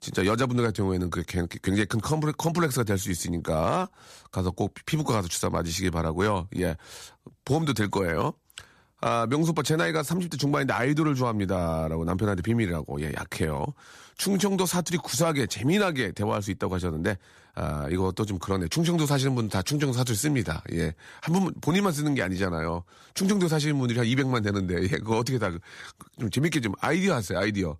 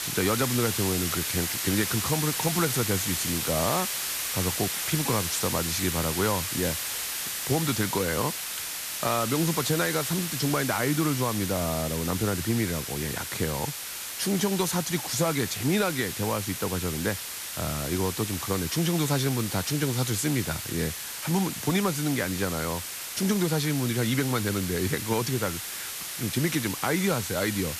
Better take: first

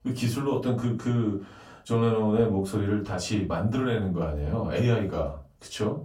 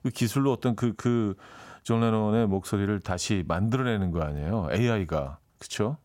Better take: second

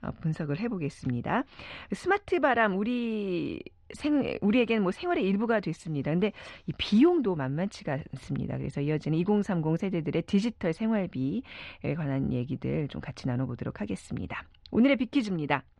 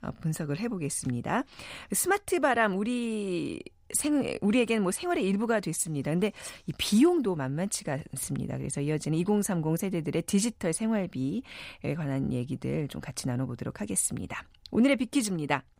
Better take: second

